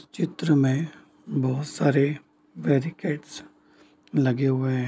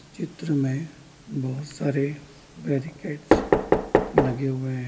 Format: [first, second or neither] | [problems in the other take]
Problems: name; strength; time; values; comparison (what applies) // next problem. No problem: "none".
first | background sound (Knock); 2 dB above the speech // room echo; dies away in 1 s